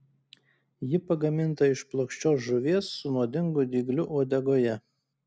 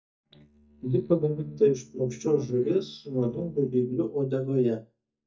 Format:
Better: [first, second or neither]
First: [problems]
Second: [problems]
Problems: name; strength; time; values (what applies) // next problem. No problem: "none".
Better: first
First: none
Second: noise reduction (neural mask model DeepFilterNet 3)